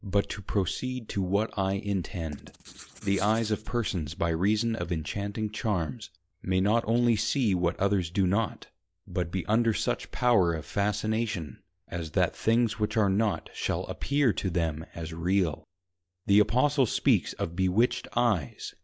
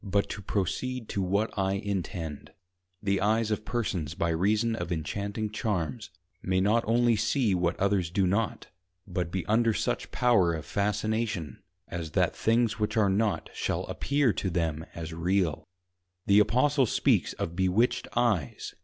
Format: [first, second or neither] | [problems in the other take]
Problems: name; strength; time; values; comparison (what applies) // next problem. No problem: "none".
second | noise reduction (neural mask model Resemble Enhance denoiser)